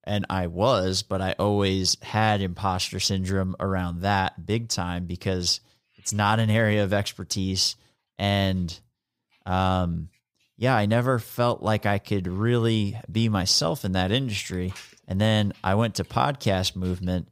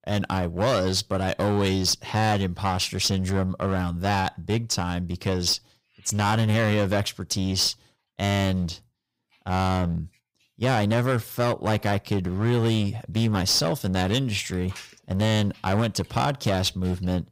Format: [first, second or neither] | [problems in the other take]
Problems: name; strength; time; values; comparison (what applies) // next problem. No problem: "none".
first | distortion; slight; 9% of the sound clipped